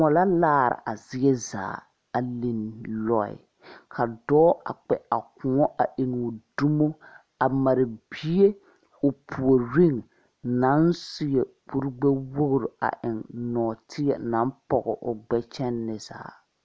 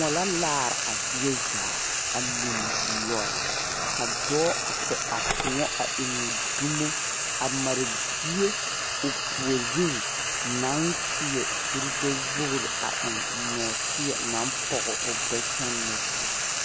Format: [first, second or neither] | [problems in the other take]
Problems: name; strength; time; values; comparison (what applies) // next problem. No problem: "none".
first | background sound (Frying (food)); 4 dB above the speech